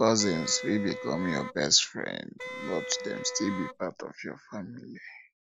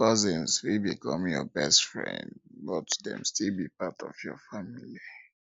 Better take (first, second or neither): second